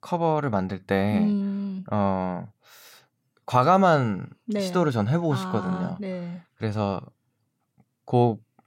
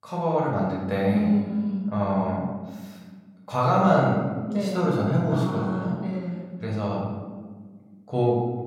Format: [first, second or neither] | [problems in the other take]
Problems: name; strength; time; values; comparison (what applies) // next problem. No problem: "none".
first | room echo; noticeable; dies away in 1.3 s // off-mic speech; far